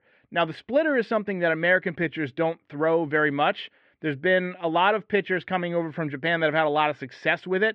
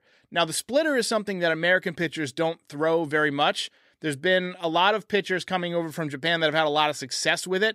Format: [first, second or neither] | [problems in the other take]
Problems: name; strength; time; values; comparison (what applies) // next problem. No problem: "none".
second | muffled; very; fading above 2.5 kHz